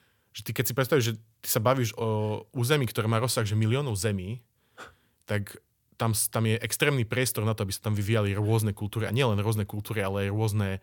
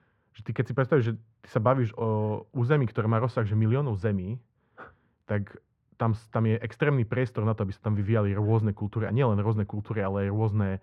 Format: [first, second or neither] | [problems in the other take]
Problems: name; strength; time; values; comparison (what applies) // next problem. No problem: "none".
first | muffled; very; fading above 1.5 kHz